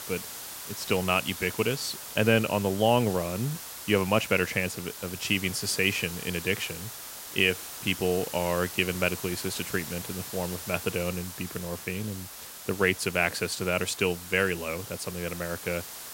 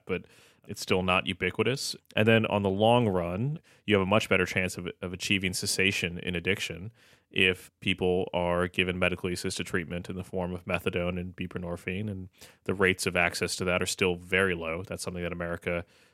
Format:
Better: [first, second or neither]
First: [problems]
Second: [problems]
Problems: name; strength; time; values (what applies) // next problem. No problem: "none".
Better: second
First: hiss; loud; throughout; 10 dB below the speech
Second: none